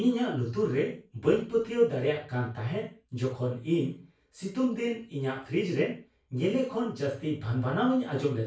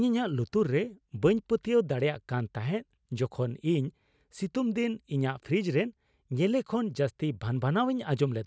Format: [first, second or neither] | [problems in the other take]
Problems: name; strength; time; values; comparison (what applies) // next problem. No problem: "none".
second | room echo; dies away in 0.3 s